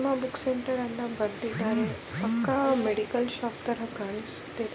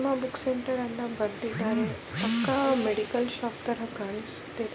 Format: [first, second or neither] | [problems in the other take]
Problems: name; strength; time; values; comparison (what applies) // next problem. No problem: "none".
first | background sound (Hi-hat); 17 dB below the speech